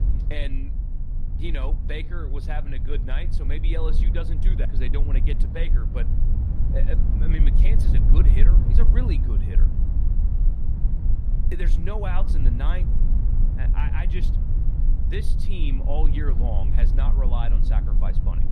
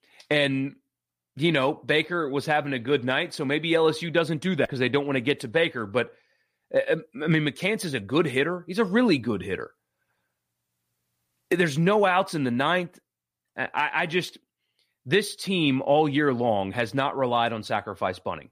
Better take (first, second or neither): second